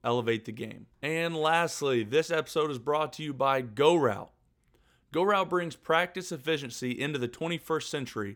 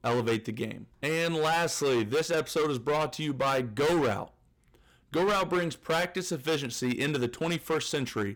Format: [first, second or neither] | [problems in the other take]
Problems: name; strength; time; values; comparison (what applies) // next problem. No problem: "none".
first | distortion; heavy; 15% of the sound clipped